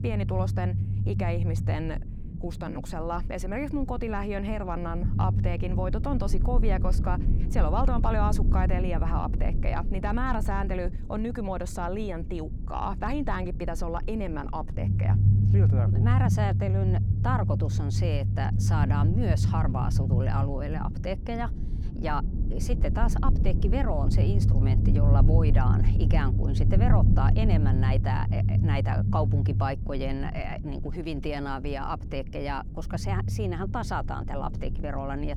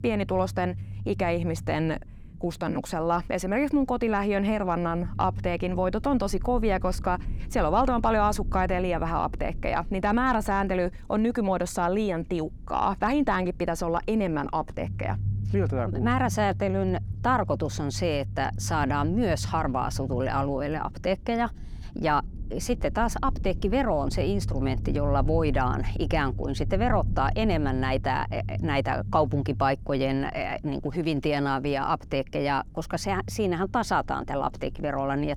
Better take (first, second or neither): second